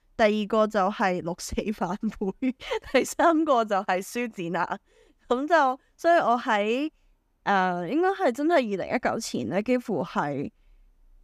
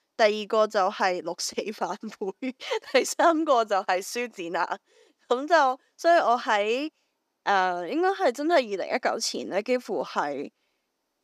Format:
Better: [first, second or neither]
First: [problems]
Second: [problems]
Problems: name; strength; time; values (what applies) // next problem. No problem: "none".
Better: first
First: none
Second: thin; very slightly; fading below 400 Hz